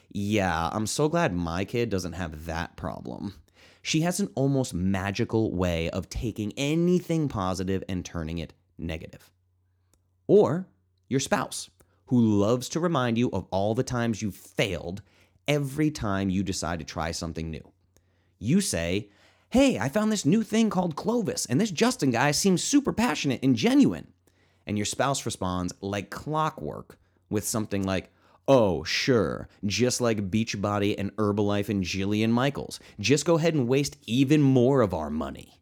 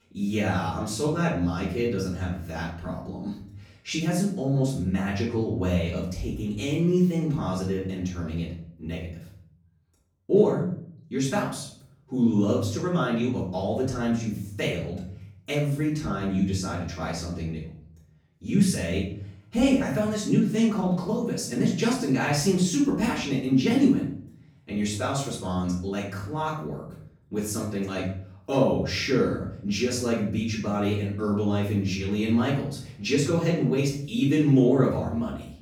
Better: first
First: none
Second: off-mic speech; far // room echo; noticeable; dies away in 0.6 s

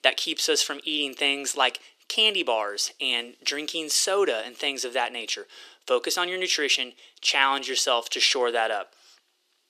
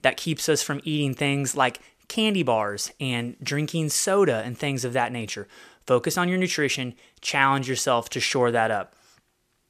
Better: second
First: thin; somewhat; fading below 300 Hz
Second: none

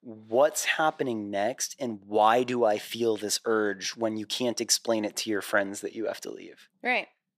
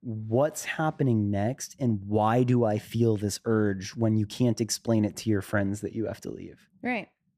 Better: second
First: thin; somewhat; fading below 500 Hz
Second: none

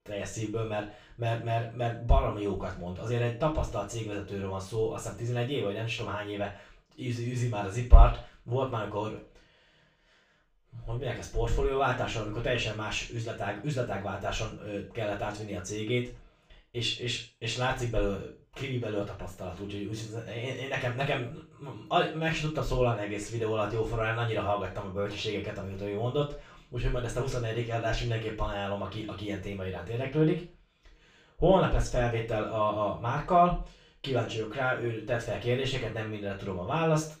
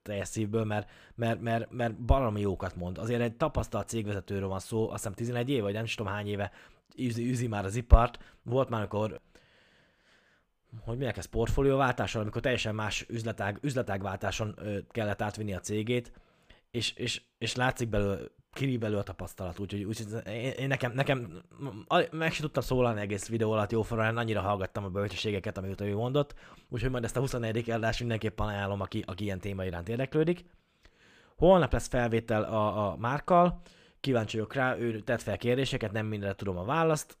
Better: second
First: room echo; slight; dies away in 0.3 s // off-mic speech; far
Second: none

